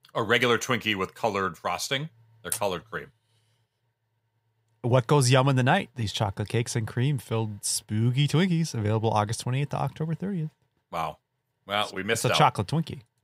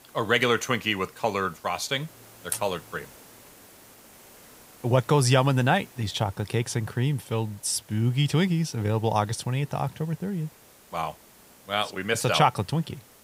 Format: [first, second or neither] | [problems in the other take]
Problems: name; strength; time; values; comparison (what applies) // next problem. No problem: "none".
first | hiss; faint; throughout; 25 dB below the speech